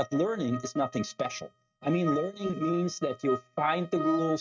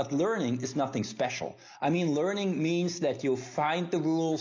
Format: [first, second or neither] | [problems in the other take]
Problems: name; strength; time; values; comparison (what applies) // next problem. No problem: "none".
second | noise reduction (neural mask model RNNoise)